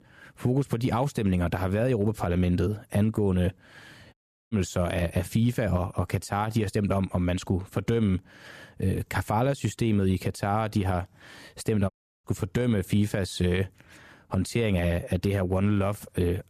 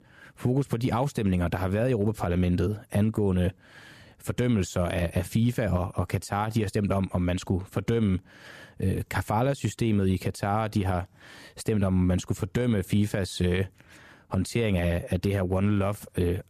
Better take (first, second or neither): second